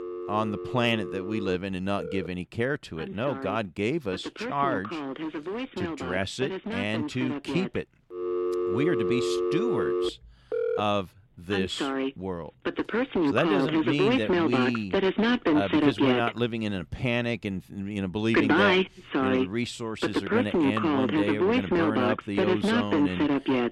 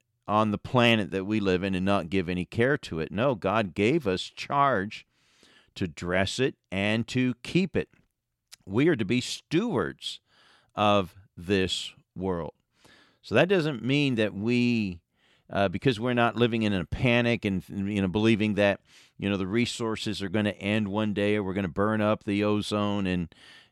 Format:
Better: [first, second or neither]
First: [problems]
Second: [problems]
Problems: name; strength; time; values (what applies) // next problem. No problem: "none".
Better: second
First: alarms or sirens; very loud; throughout; 3 dB above the speech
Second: none